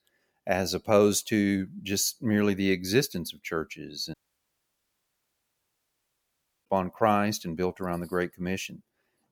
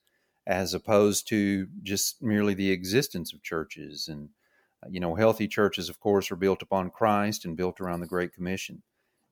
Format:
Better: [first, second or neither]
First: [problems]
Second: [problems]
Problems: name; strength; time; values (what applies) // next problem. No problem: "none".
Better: second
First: audio cutting out; at 4 s for 2.5 s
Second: none